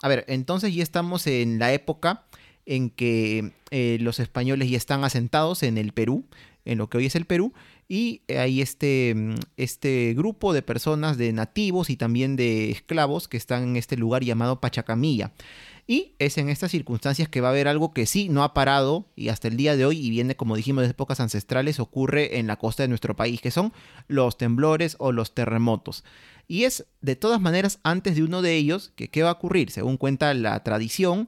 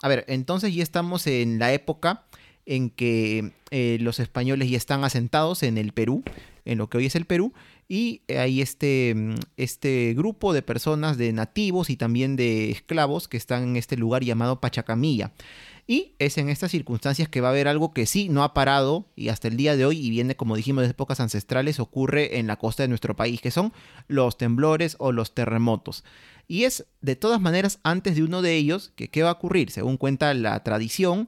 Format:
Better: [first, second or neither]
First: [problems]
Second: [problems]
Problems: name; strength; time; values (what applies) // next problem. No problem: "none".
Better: first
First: none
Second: footsteps; faint; at 6.5 s; peak 15 dB below the speech